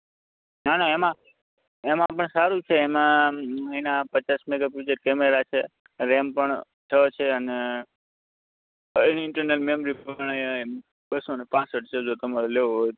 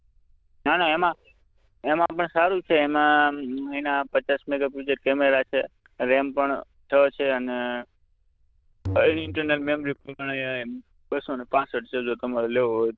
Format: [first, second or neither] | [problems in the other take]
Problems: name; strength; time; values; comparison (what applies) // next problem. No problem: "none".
first | noise reduction (neural diffusion model UNIVERSE++)